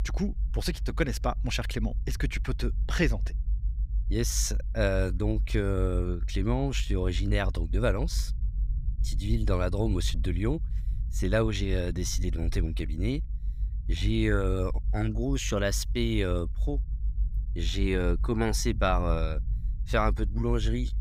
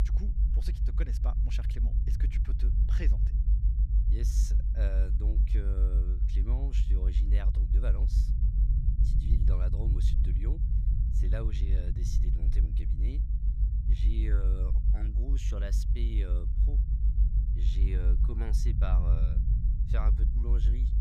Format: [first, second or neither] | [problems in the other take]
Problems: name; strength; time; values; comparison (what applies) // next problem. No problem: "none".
first | low rumble; loud; throughout; 2 dB below the speech; faint in the first